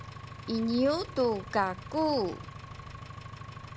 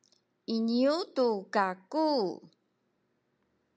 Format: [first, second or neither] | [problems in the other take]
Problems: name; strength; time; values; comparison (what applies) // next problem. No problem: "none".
second | background sound (Engine); 12 dB below the speech